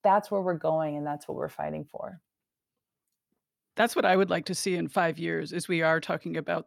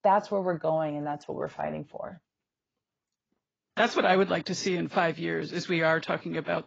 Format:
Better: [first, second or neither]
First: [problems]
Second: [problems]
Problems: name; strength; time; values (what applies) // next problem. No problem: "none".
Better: first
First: none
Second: garbled, watery; badly